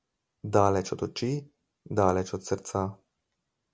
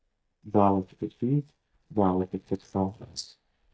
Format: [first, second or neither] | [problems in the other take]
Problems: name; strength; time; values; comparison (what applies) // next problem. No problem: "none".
first | noise reduction (neural mask model DeepFilterNet 3)